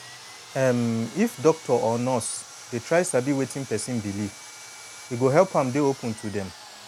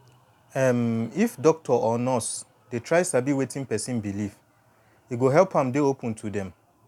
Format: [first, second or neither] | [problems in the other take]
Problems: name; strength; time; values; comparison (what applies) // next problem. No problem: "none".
second | background sound (Sawing); 18 dB below the speech